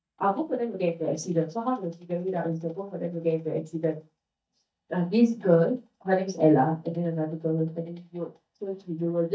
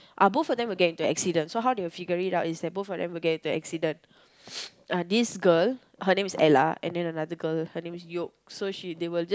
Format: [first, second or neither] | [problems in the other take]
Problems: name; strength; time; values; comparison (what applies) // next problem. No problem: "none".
second | noise reduction (neural mask model DeepFilterNet 3)